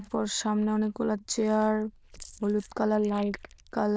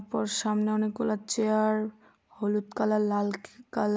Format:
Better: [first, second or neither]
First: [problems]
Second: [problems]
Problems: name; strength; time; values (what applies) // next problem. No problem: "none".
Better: second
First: noise reduction (neural diffusion model UNIVERSE++)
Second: none